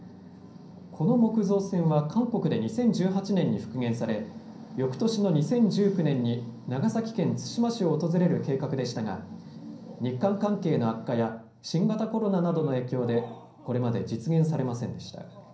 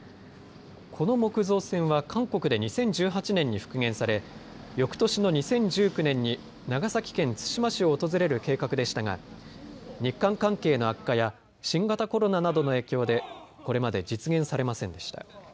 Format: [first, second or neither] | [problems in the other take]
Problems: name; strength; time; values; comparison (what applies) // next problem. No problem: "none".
second | room echo; dies away in 0.6 s